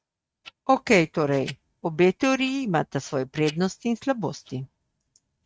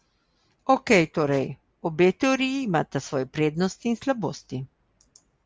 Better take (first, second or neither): second